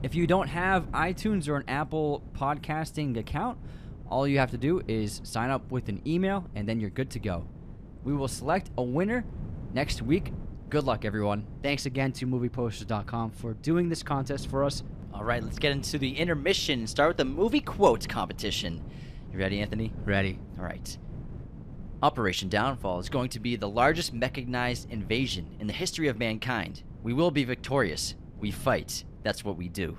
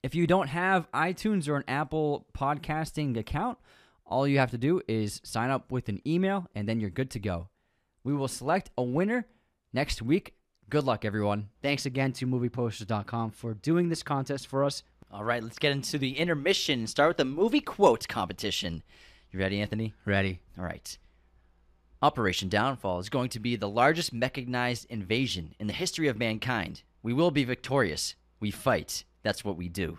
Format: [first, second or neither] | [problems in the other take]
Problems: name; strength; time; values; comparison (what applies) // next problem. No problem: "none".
second | wind noise on the microphone; occasional gusts; 20 dB below the speech